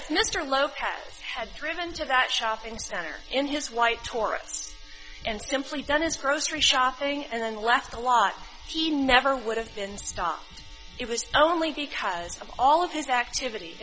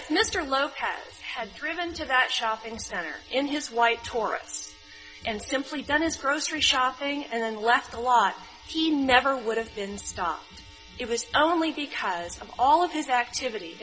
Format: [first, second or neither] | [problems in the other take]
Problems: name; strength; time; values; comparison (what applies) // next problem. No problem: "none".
first | room echo; dies away in 0.3 s